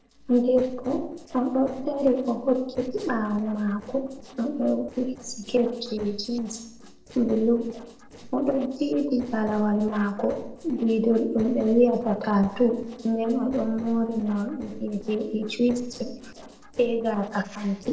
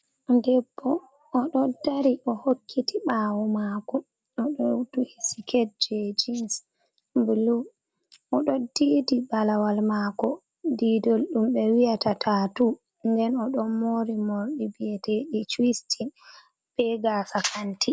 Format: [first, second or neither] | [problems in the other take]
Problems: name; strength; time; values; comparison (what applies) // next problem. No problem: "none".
second | noise reduction (neural separator model SepFormer DNS4)